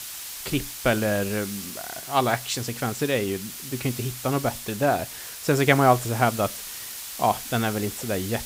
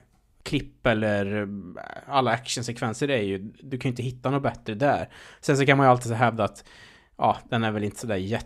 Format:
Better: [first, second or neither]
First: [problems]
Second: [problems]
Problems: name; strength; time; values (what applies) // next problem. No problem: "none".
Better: second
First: hiss; loud; throughout; 9 dB below the speech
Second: none